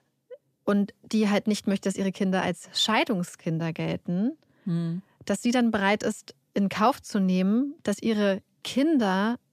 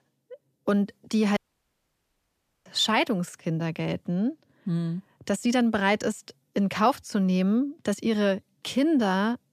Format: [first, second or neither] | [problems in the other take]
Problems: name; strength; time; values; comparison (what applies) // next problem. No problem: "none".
first | audio cutting out; at 1.5 s for 1.5 s